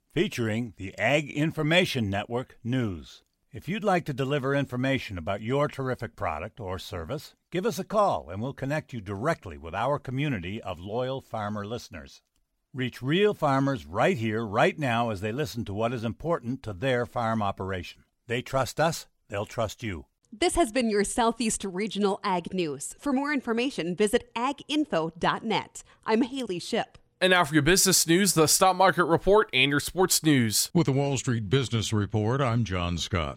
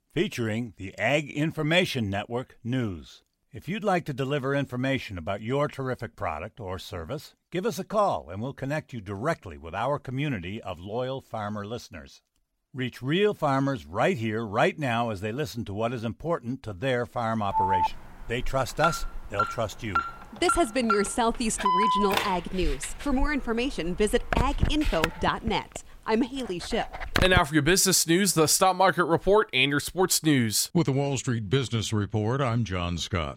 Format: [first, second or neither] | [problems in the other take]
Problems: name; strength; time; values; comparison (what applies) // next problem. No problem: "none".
first | alarm; loud; from 18 to 27 s; peak 4 dB above the speech